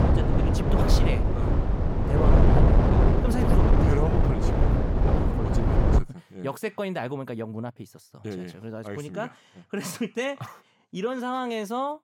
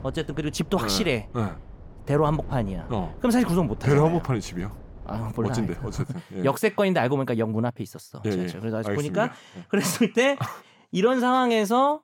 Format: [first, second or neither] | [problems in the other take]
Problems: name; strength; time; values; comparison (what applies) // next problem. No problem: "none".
second | wind noise on the microphone; heavy; until 6 s; 4 dB above the speech; occasional gusts in the second